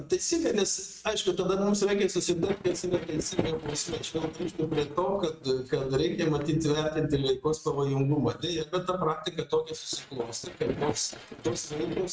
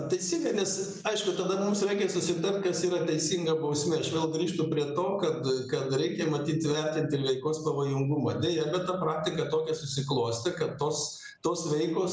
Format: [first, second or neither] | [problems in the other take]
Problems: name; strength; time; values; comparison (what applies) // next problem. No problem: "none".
second | noise reduction (neural mask model RNNoise)